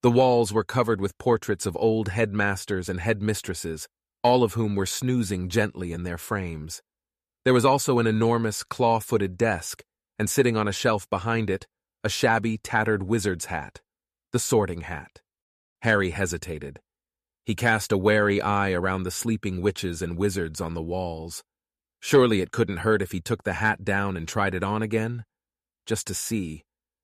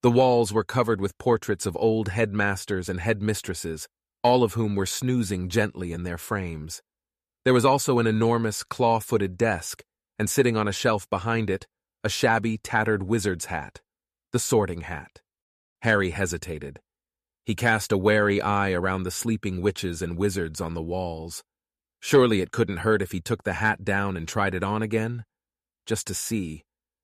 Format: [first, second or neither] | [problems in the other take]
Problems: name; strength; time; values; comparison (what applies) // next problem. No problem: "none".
neither | none